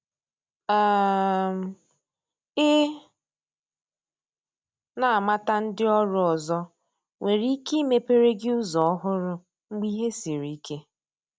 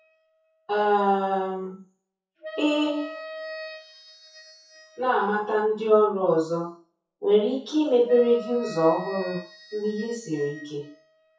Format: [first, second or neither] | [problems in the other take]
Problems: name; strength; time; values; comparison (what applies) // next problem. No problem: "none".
first | noise reduction (classical method WPE with log-MMSE)